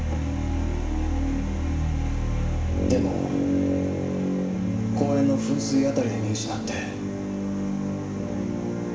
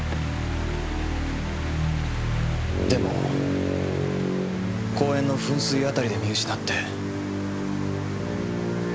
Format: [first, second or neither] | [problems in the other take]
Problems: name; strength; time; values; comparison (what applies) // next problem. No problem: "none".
second | room echo; dies away in 0.7 s